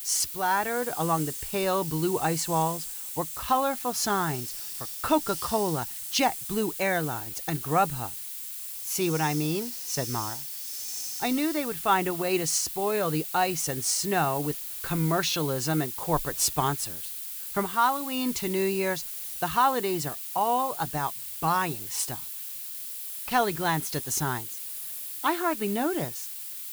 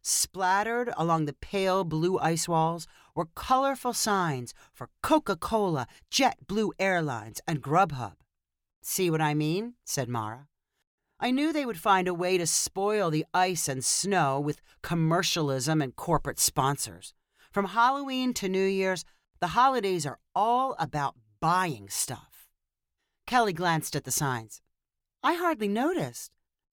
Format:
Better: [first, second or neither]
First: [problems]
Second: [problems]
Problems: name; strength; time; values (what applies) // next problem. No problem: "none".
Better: second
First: hiss; loud; throughout; 6 dB below the speech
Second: none